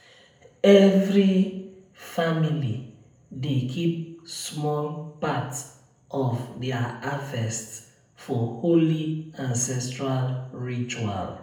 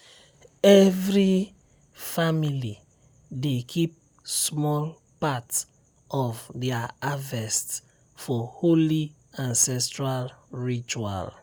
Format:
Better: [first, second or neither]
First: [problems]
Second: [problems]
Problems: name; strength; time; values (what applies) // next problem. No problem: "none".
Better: second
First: room echo; dies away in 0.7 s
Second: none